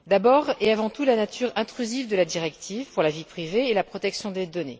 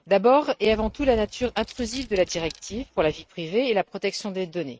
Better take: first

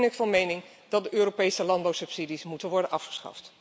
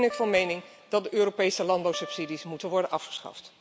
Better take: first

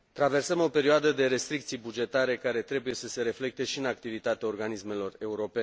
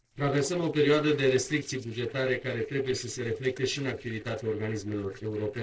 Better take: first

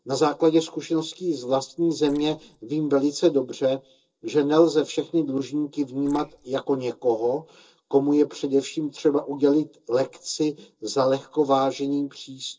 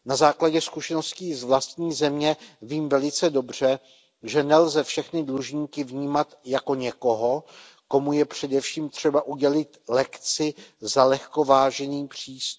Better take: second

